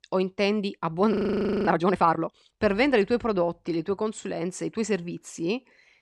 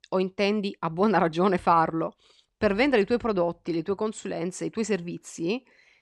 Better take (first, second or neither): second